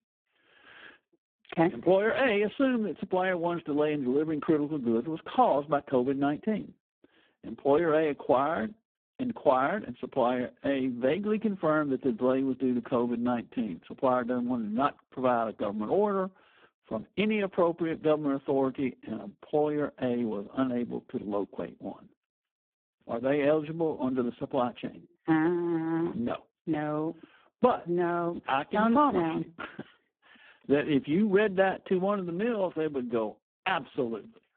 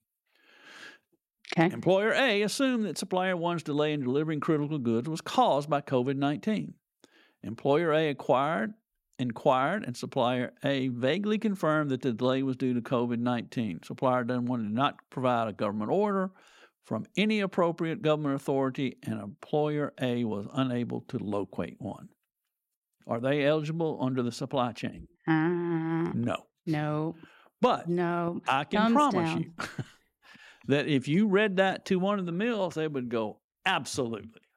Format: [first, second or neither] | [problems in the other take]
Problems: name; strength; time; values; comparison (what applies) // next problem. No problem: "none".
second | phone-call audio; poor line